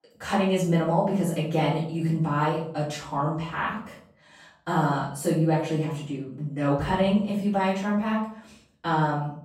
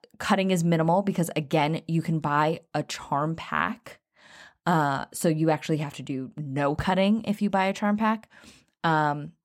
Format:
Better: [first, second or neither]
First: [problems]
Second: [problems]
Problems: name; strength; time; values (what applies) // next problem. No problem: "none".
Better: second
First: off-mic speech; far // room echo; noticeable; dies away in 0.5 s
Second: none